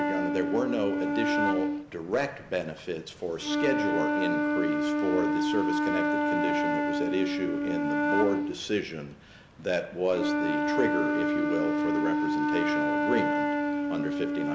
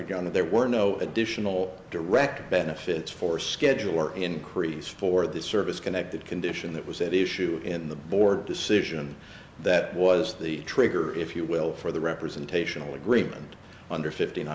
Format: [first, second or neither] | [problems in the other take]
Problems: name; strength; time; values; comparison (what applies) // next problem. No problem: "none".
second | background sound (Wind instrument, woodwind instrument); 4 dB above the speech